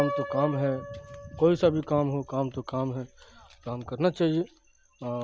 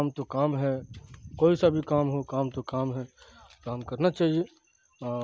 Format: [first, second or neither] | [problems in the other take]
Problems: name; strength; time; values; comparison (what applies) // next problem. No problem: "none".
second | background sound (Piano); 11 dB below the speech